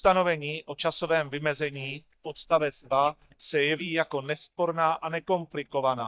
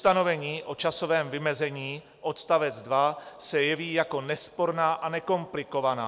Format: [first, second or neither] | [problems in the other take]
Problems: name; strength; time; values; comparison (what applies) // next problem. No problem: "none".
second | noise reduction (neural mask model DeepFilterNet 3)